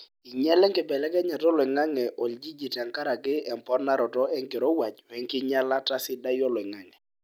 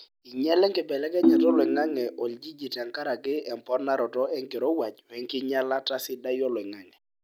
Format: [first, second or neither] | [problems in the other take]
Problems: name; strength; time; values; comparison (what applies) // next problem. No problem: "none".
first | background sound (Ringtone); 4 dB above the speech